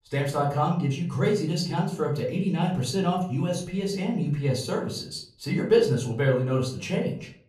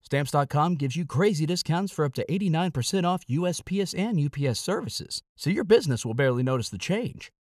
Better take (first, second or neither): second